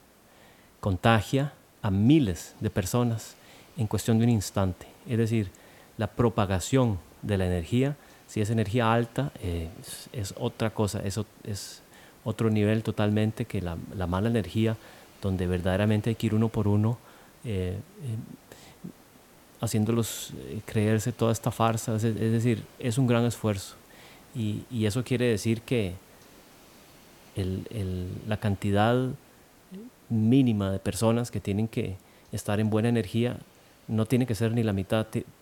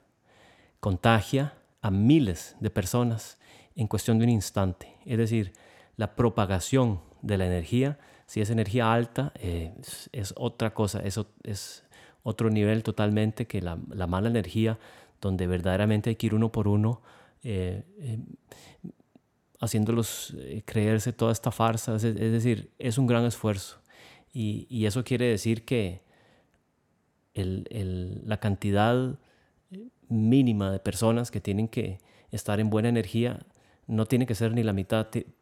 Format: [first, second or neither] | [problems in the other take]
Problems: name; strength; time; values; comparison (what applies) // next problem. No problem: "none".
second | hiss; faint; throughout; 25 dB below the speech